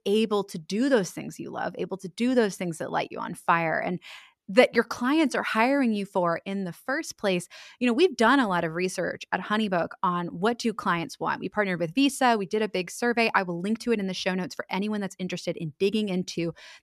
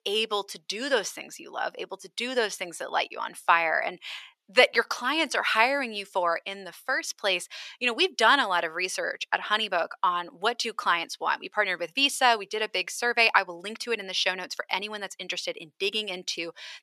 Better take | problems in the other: first | thin; very; fading below 600 Hz

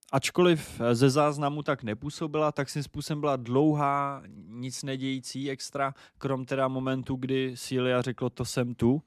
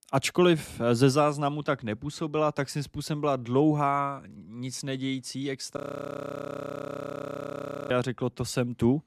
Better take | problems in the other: first | audio freezing; at 6 s for 2 s

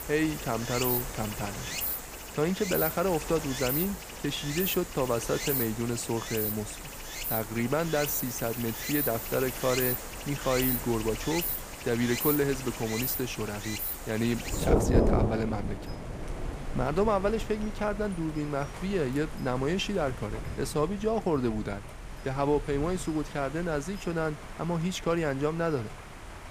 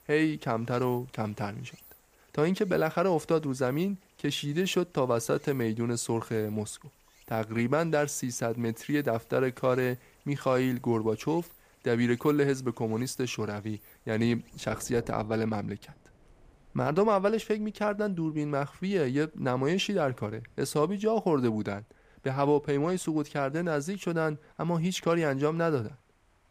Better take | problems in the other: second | rain or running water; loud; throughout; 3 dB below the speech; faint in the second

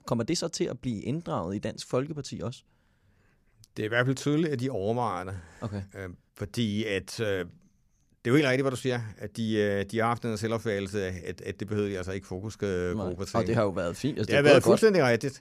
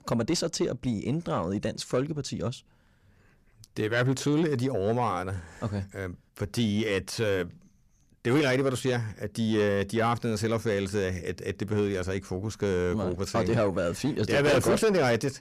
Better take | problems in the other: first | distortion; heavy; 8 dB below the speech

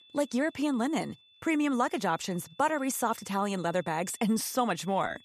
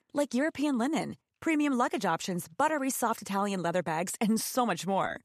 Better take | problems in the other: second | high-pitched whine; faint; throughout; 3.5 kHz, 25 dB below the speech

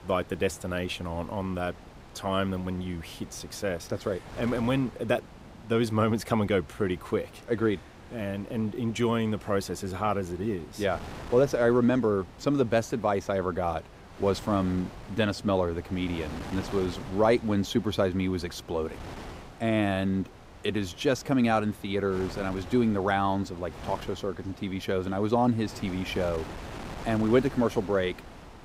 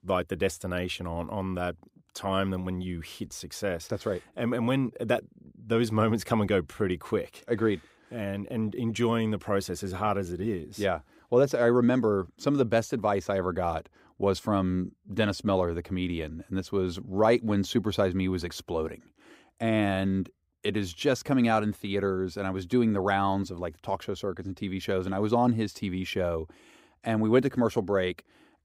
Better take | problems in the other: second | wind noise on the microphone; occasional gusts; 15 dB below the speech

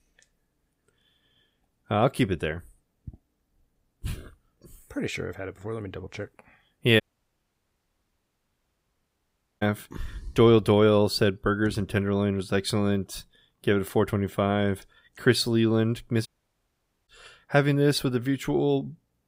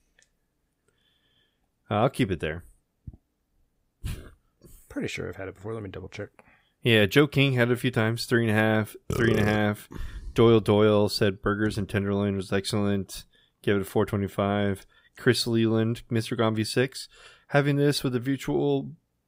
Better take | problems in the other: second | audio cutting out; at 7 s for 2.5 s and at 16 s for 1 s

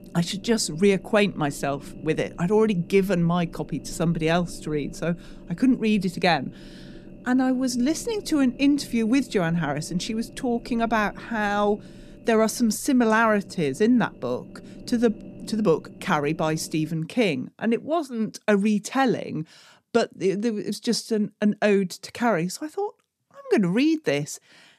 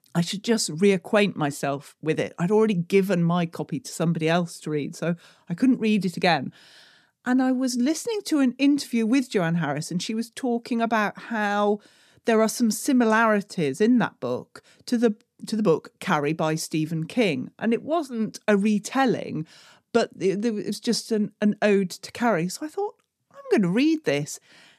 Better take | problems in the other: second | low rumble; faint; until 17 s; 25 dB below the speech

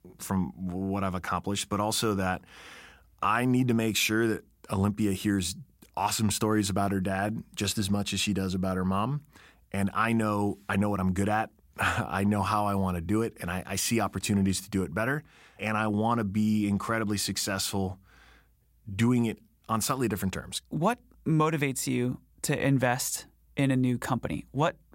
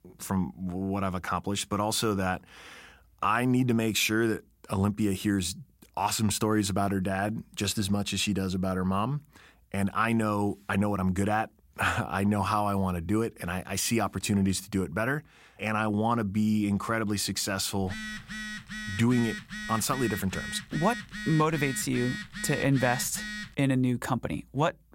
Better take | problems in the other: first | phone ringing; noticeable; from 18 to 24 s; peak 8 dB below the speech

